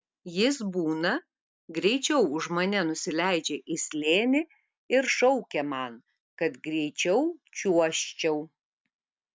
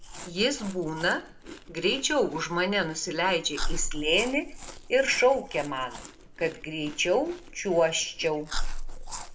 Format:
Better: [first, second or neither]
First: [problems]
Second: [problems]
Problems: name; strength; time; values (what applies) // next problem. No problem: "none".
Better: first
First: none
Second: background sound (Chewing, mastication); 7 dB below the speech // room echo; dies away in 0.4 s